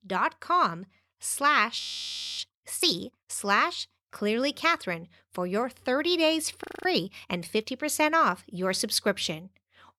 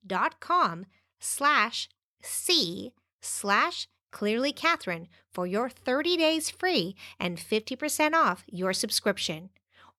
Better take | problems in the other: second | audio freezing; at 2 s for 0.5 s and at 6.5 s

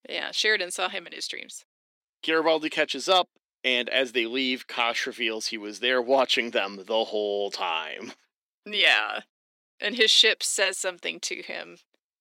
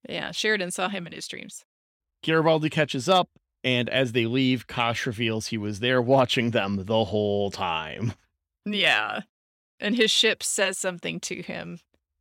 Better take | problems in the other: second | thin; somewhat; fading below 300 Hz

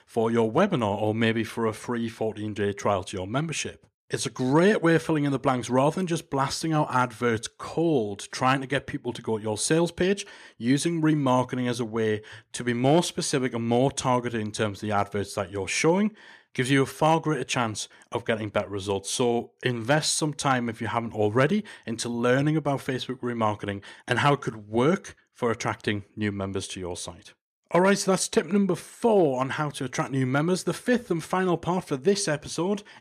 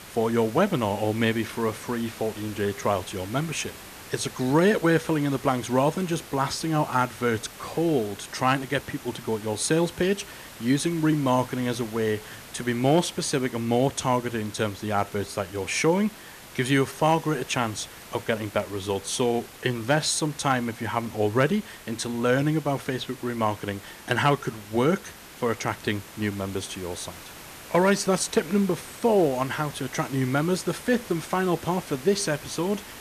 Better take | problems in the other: first | hiss; noticeable; throughout; 15 dB below the speech

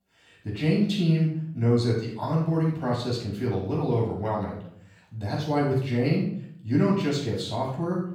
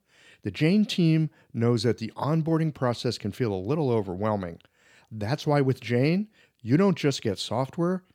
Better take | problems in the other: second | off-mic speech; far // room echo; noticeable; dies away in 0.5 s

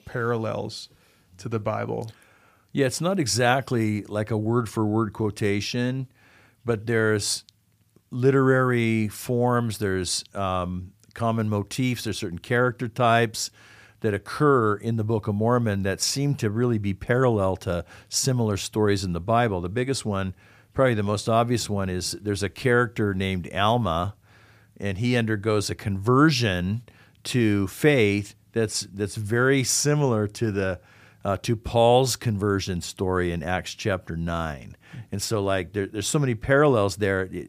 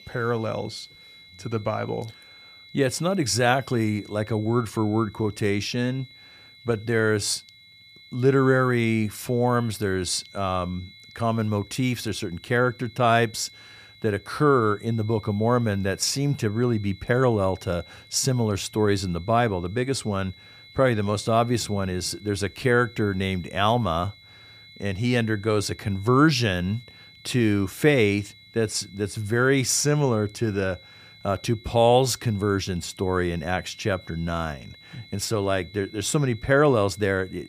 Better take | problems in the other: first | high-pitched whine; faint; throughout; 4 kHz, 25 dB below the speech

